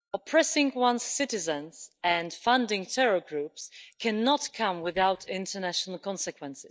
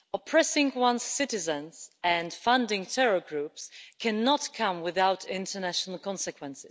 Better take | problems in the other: second | noise reduction (neural mask model DeepFilterNet 3)

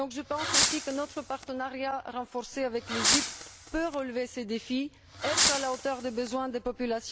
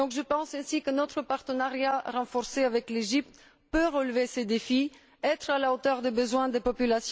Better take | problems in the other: second | background sound (Fireworks); as loud as the speech

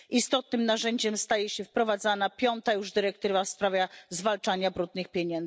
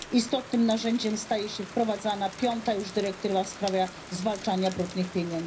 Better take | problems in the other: first | background sound (Rain); 14 dB below the speech // room echo; dies away in 0.4 s

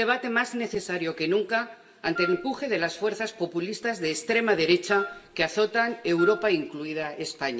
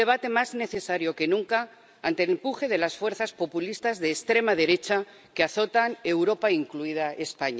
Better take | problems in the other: second | background sound (Wind instrument, woodwind instrument); 9 dB below the speech // room echo; dies away in 0.7 s

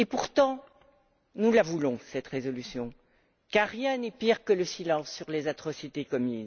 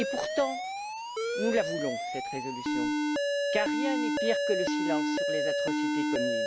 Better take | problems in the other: first | background sound (Alarm); 4 dB above the speech

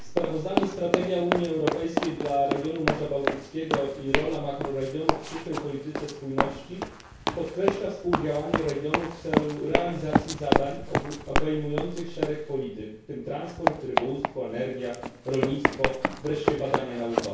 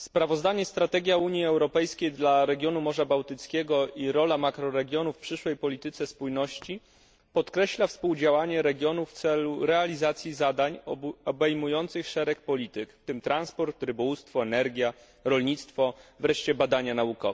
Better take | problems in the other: second | background sound (Run); 1 dB above the speech // room echo; dies away in 0.6 s

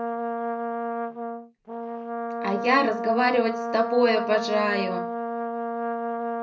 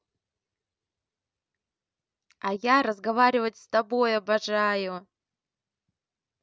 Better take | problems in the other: second | background sound (Brass instrument); 3 dB below the speech // room echo; dies away in 0.3 s

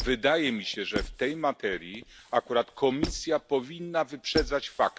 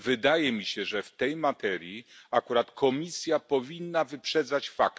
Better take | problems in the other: second | background sound (Squeak); 10 dB below the speech

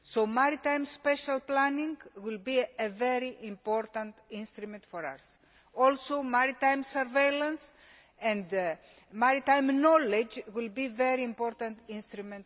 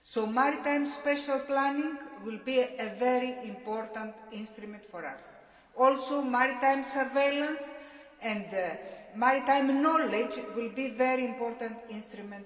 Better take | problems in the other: first | room echo; dies away in 2 s

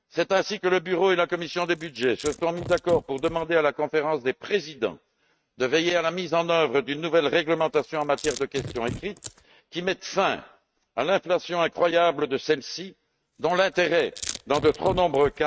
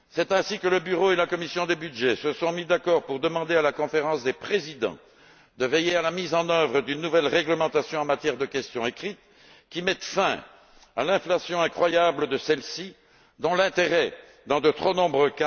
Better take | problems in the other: second | noise reduction (neural mask model RNNoise)

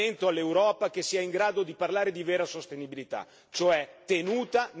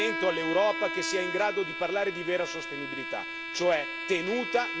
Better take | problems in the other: first | background sound (Bowed string instrument); 5 dB below the speech

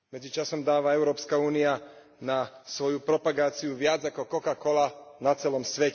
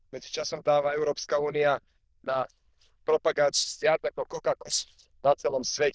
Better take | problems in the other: first | noise reduction (neural diffusion model UNIVERSE++)

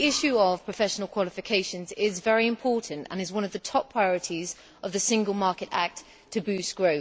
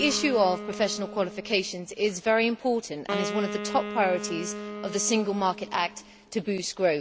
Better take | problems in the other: first | background sound (Wind instrument, woodwind instrument); 10 dB below the speech

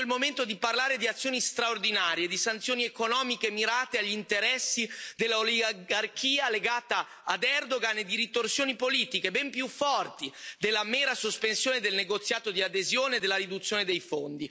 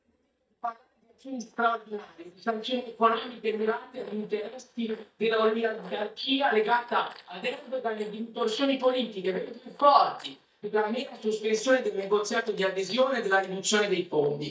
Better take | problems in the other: first | noise reduction (neural mask model DeepFilterNet 3)

